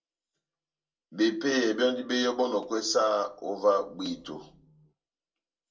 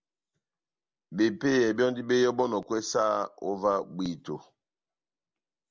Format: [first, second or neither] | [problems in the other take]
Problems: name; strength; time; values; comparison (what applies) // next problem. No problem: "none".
second | room echo; dies away in 0.2 s